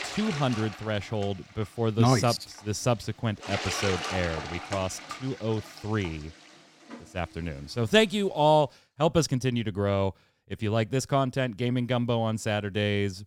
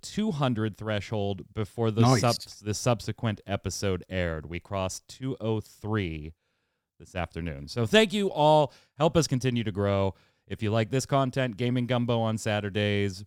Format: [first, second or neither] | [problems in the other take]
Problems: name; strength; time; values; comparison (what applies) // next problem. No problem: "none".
second | household noises; loud; until 8.5 s; 9 dB below the speech